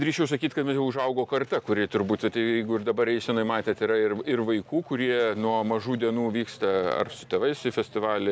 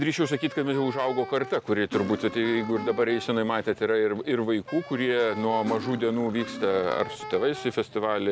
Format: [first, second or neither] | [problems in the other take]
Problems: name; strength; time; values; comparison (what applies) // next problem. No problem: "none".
first | background sound (Cutlery, silverware + Wind instrument, woodwind instrument); 13 dB below the speech